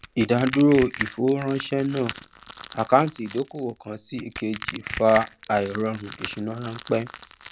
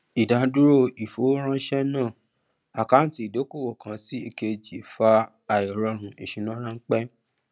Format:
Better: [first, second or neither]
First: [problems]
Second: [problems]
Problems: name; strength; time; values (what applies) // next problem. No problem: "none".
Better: second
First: background sound (Crushing); 13 dB below the speech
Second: none